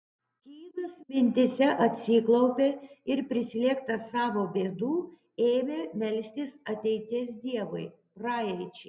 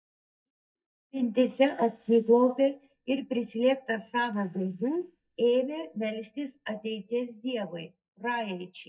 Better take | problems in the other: first | noise reduction (neural mask model DeepFilterNet 3)

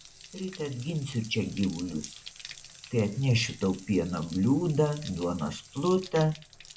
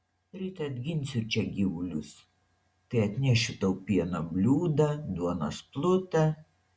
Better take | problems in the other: second | background sound (Bathtub (filling or washing)); 18 dB below the speech

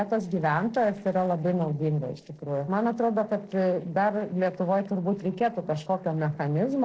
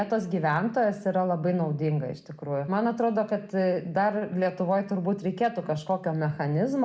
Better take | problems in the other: second | noise reduction (neural separator model SepFormer DNS4)

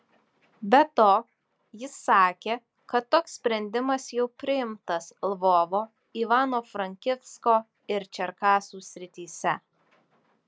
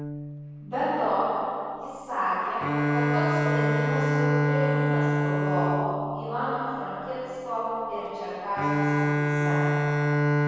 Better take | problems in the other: first | background sound (Bowed string instrument); 3 dB above the speech // room echo; dies away in 2.2 s

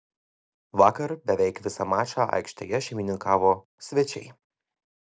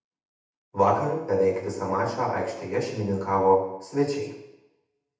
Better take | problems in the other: first | room echo; dies away in 0.8 s

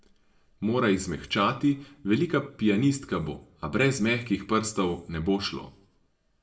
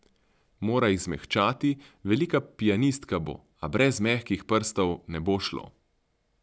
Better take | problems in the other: second | room echo; dies away in 0.4 s

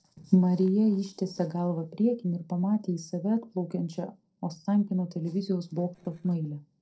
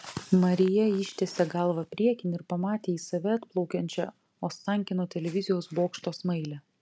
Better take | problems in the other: second | noise reduction (neural separator model SepFormer DNS4)

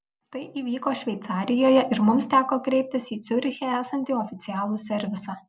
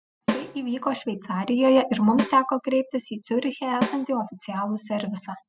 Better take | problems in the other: first | noise reduction (classical method spectral subtraction)

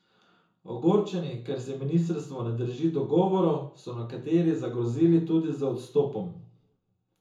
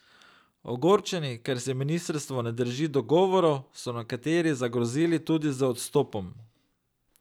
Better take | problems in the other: second | room echo; dies away in 0.6 s

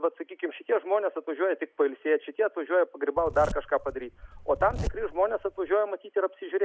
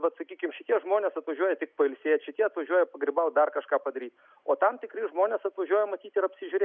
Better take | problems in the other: second | background sound (Zipper (clothing)); 10 dB below the speech

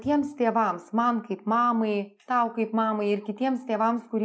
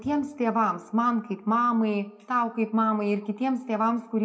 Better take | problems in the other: first | room echo; dies away in 0.9 s

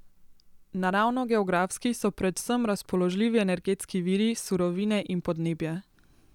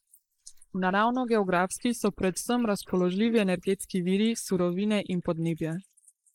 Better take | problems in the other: first | noise reduction (neural mask model Resemble Enhance denoiser)

